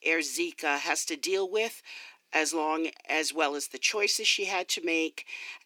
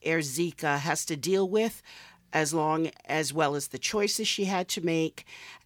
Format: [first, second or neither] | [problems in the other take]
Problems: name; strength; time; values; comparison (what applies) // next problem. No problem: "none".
second | thin; somewhat; fading below 300 Hz